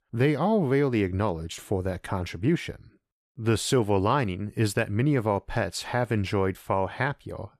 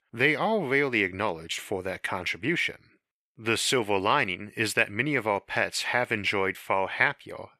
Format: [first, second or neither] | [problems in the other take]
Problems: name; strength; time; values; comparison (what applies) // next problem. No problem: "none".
first | thin; somewhat; fading below 1 kHz